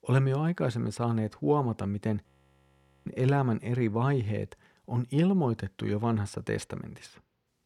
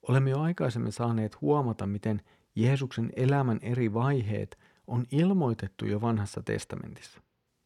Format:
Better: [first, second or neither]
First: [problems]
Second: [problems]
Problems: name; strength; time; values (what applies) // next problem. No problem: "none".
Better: second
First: audio freezing; at 2.5 s for 1 s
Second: none